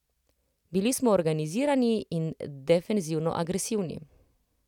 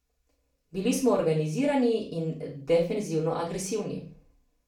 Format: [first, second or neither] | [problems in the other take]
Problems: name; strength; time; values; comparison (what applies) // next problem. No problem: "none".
first | room echo; dies away in 0.3 s